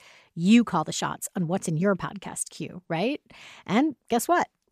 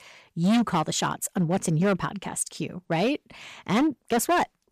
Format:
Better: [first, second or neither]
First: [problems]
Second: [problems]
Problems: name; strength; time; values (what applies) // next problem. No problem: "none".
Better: first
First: none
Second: distortion; heavy; 9% of the sound clipped